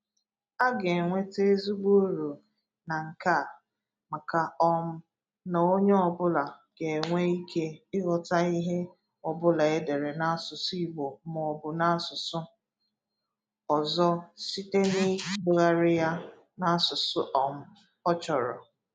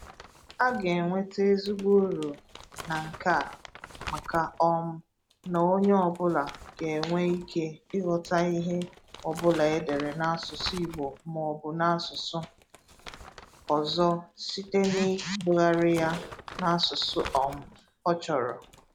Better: first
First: none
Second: background sound (Crumpling, crinkling); 18 dB below the speech

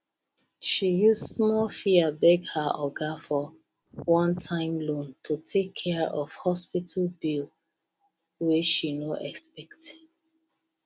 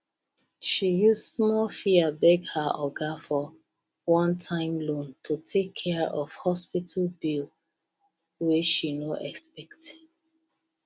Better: second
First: background sound (Wind); 16 dB below the speech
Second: none

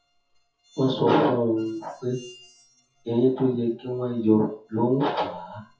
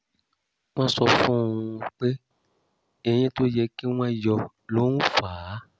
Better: second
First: noise reduction (classical method WPE with log-MMSE)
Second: none

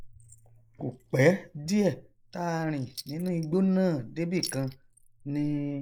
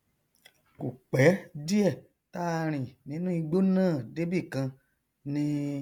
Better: second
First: noise reduction (neural mask model Resemble Enhance denoiser)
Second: none

